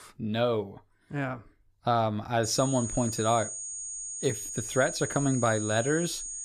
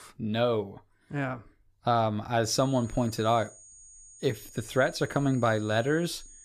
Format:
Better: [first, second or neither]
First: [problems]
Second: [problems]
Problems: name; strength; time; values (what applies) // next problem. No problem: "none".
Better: second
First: high-pitched whine; loud; from 2.5 s on; 6.5 kHz, 6 dB below the speech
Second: high-pitched whine; faint; from 2.5 s on; 6.5 kHz, 20 dB below the speech